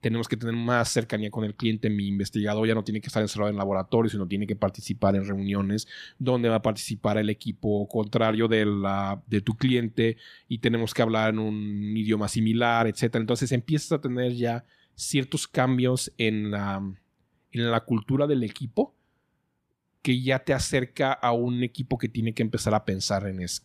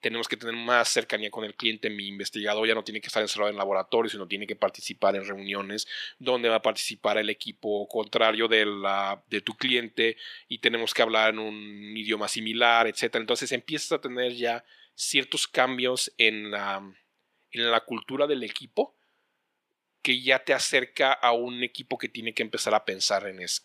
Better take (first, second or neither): first